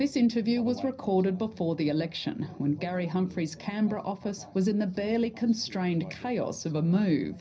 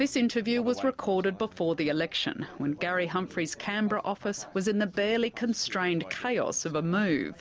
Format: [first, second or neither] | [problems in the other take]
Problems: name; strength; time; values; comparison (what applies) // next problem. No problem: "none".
second | room echo; dies away in 0.4 s